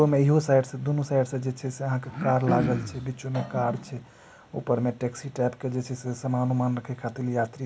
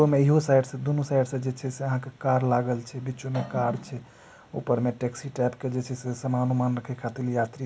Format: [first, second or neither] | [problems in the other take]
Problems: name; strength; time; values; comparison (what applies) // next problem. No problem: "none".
second | background sound (Cough); 5 dB below the speech